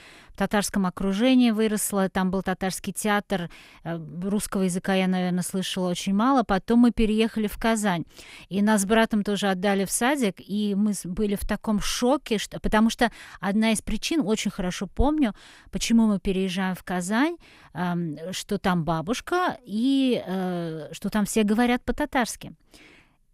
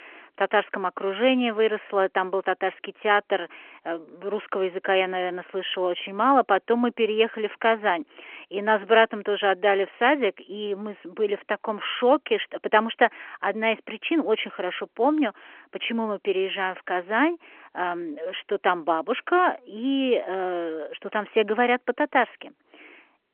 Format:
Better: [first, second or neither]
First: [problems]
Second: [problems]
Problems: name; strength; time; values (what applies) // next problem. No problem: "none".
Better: first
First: none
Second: phone-call audio; nothing above 3 kHz